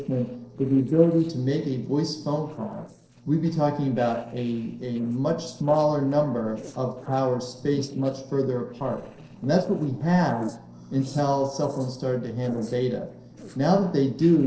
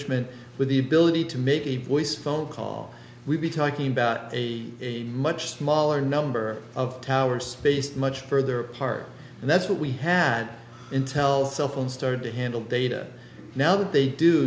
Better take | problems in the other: second | noise reduction (neural separator model SepFormer DNS4)

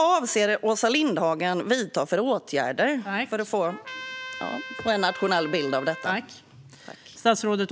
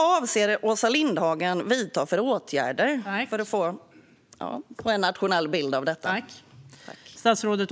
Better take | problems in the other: second | background sound (Trumpet); 13 dB below the speech

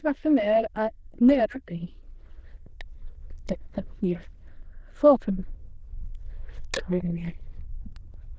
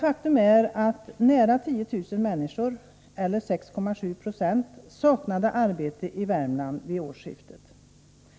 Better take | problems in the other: second | noise reduction (neural diffusion model UNIVERSE++)

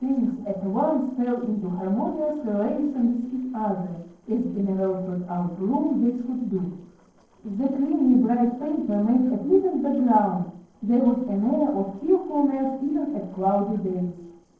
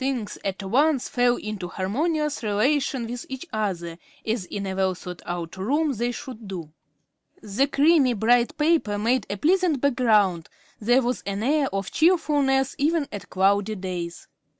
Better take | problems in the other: second | noise reduction (neural separator model SepFormer DNS4)

